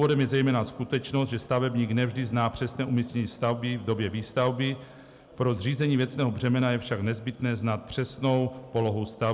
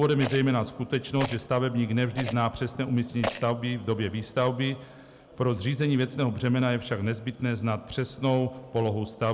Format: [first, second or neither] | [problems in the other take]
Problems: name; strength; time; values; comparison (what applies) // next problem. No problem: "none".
first | background sound (Rattle); 12 dB below the speech